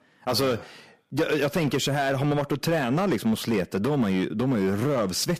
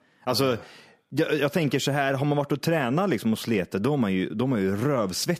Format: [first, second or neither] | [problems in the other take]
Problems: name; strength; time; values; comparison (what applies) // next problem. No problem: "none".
second | distortion; slight; 9% of the sound clipped